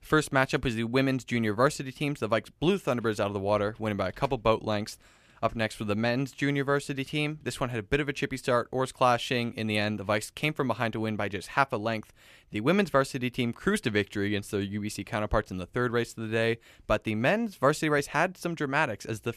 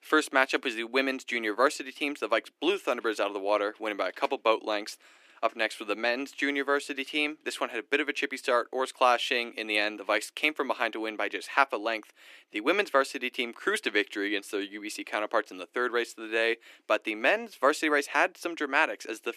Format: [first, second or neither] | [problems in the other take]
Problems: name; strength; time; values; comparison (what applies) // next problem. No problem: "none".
first | thin; somewhat; fading below 300 Hz